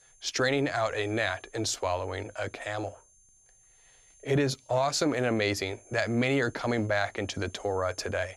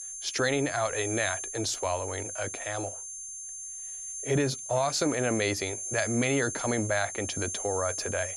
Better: first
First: high-pitched whine; faint; throughout; 6.5 kHz, 25 dB below the speech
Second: high-pitched whine; loud; throughout; 6.5 kHz, 5 dB below the speech

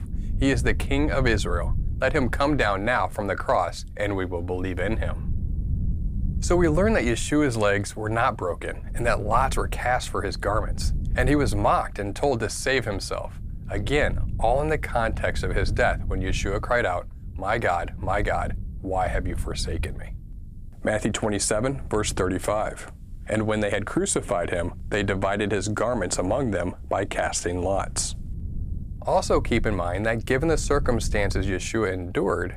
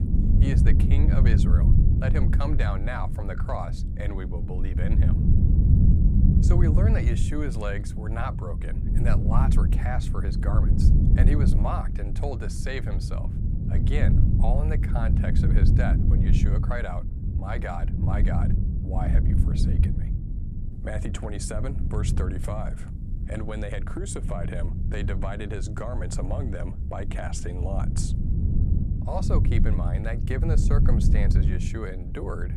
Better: first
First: low rumble; faint; throughout; 25 dB below the speech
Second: low rumble; loud; throughout; 2 dB below the speech

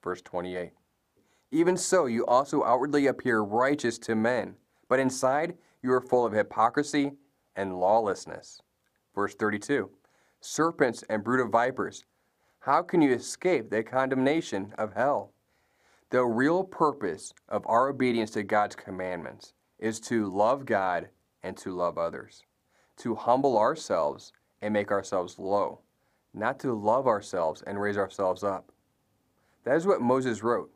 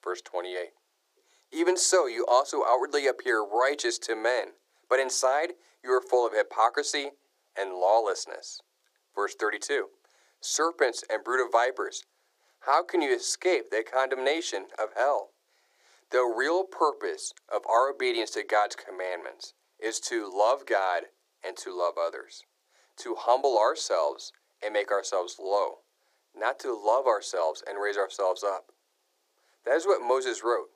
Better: first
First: none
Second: thin; very; fading below 350 Hz

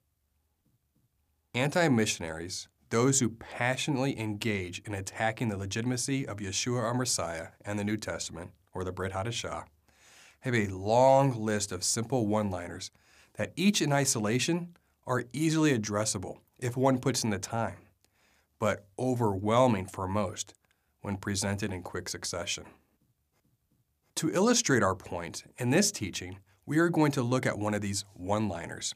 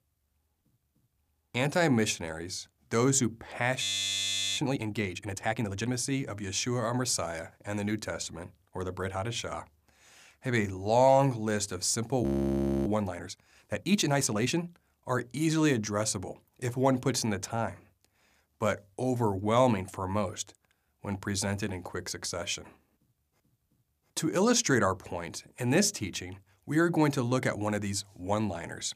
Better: first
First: none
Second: audio freezing; at 4 s for 1 s and at 12 s for 0.5 s

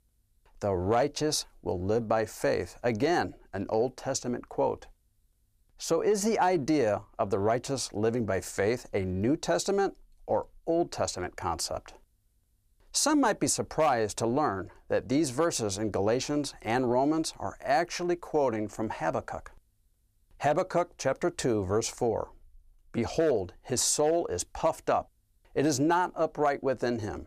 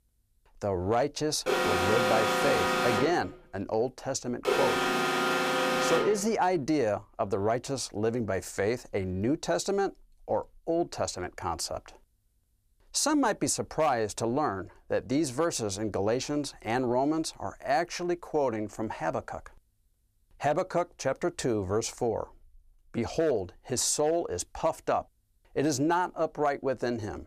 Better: first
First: none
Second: alarm; loud; from 1.5 to 6 s; peak 4 dB above the speech

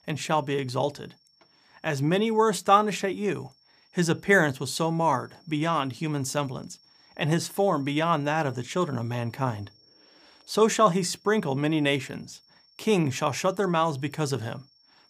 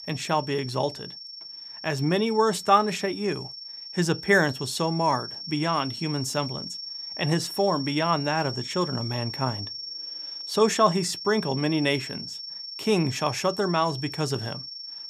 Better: first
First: high-pitched whine; faint; throughout; 5.5 kHz, 30 dB below the speech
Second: high-pitched whine; loud; throughout; 5.5 kHz, 9 dB below the speech

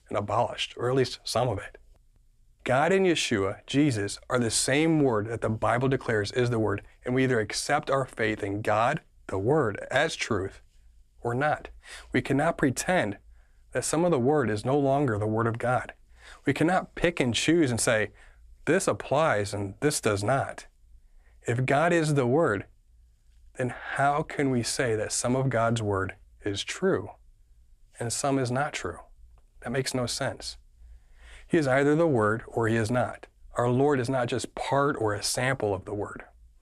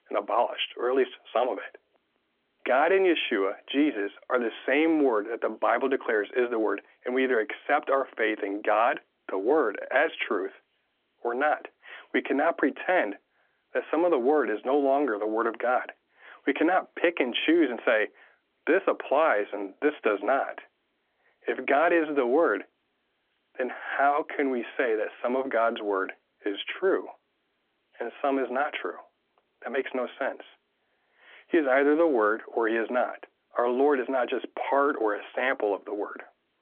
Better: first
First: none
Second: phone-call audio; nothing above 3.5 kHz

